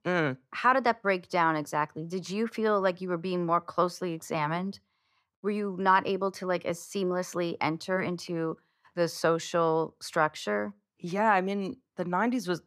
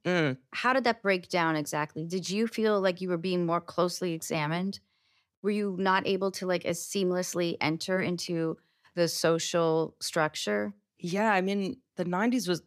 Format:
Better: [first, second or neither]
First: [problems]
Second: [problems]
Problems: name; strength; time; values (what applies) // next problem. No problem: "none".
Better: second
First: muffled; slightly; fading above 2.5 kHz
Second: none